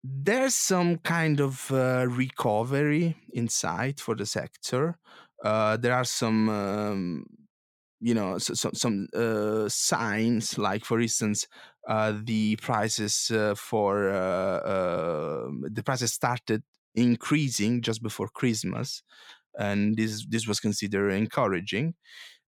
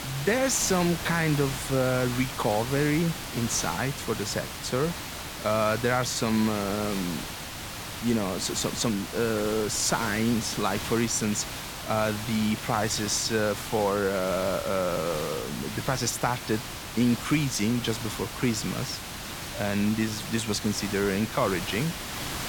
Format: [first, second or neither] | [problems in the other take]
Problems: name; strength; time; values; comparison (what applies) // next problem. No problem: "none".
first | hiss; loud; throughout; 7 dB below the speech